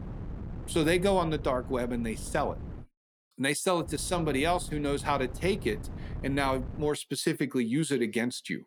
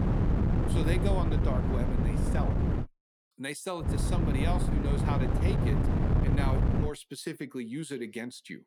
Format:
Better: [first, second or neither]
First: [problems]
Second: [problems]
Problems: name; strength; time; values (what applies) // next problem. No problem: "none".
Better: first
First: wind noise on the microphone; occasional gusts; until 3 s and from 4 to 7 s; 20 dB below the speech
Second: wind noise on the microphone; heavy; until 3 s and from 4 to 7 s; 1 dB above the speech